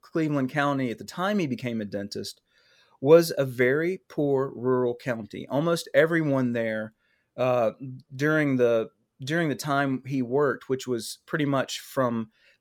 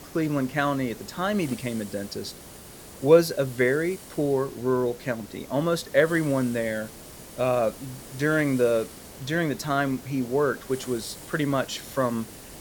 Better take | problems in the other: first | hiss; noticeable; throughout; 15 dB below the speech

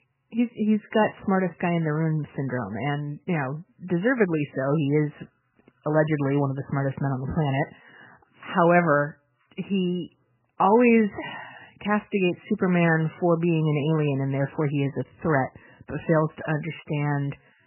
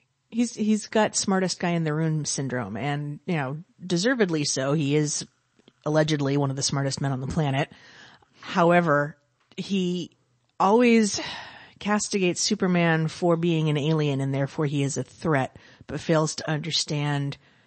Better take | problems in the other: second | garbled, watery; badly; nothing above 3 kHz; slightly in the second

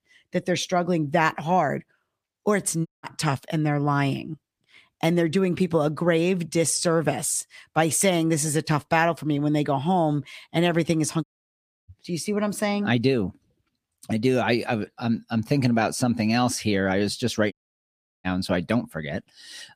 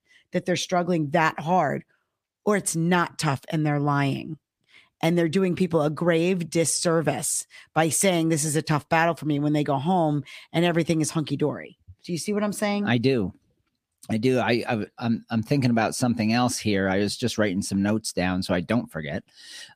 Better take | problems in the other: second | audio cutting out; at 3 s, at 11 s for 0.5 s and at 18 s for 0.5 s

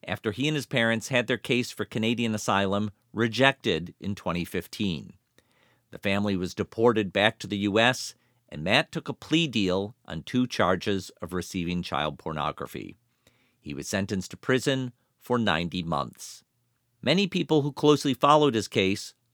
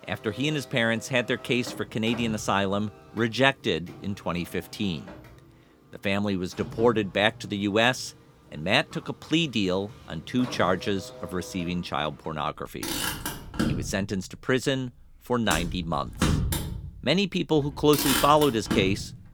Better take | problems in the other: first | traffic noise; loud; throughout; 6 dB below the speech

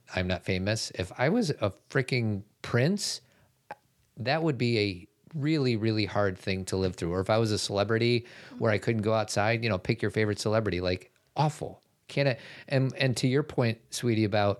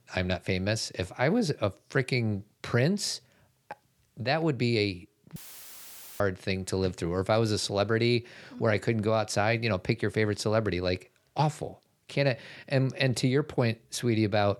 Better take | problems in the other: first | audio cutting out; filled with static; at 5.5 s for 1 s

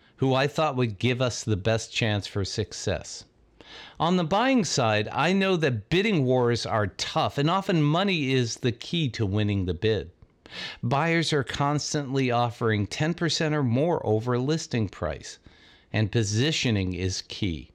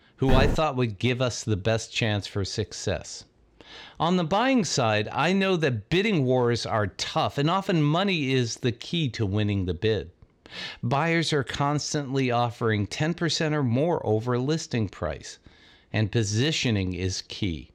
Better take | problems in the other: first | footsteps; noticeable; at 0.5 s; peak level with the speech

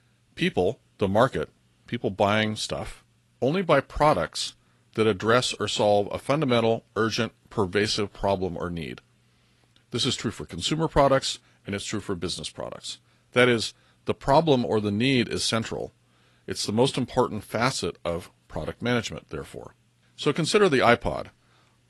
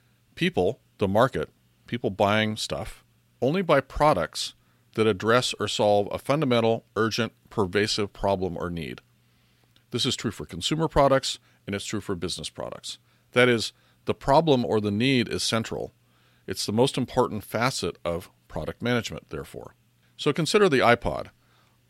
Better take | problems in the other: second | garbled, watery; slightly; nothing above 11 kHz

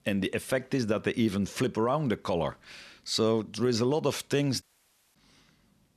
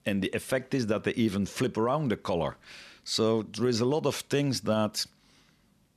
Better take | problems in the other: second | audio cutting out; at 4.5 s for 0.5 s

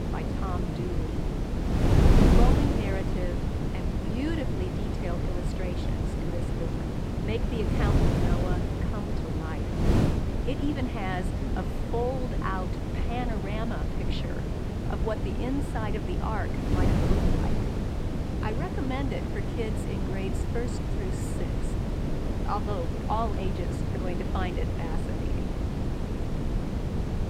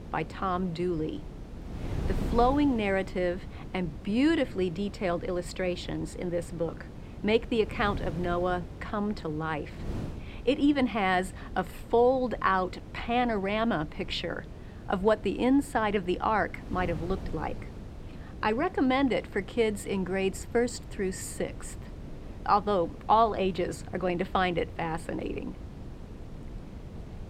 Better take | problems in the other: second | wind noise on the microphone; heavy; 1 dB above the speech; occasional gusts in the second

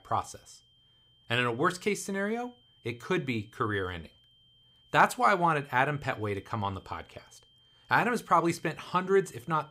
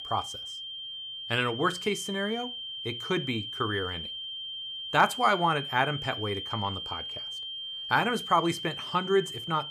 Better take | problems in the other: first | high-pitched whine; loud; throughout; 3 kHz, 6 dB below the speech; faint in the first

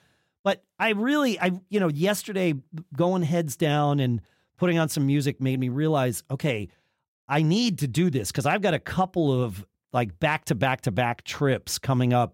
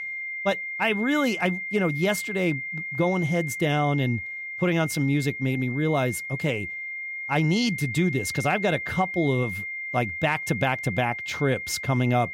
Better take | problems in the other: first | high-pitched whine; loud; throughout; 2 kHz, 5 dB below the speech

